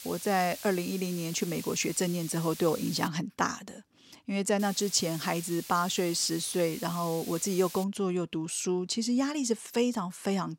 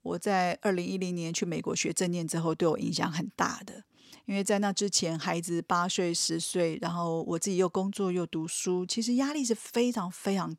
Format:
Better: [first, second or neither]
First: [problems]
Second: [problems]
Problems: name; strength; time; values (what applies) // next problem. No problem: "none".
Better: second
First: hiss; noticeable; until 3 s and from 4.5 to 8 s; 10 dB below the speech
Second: none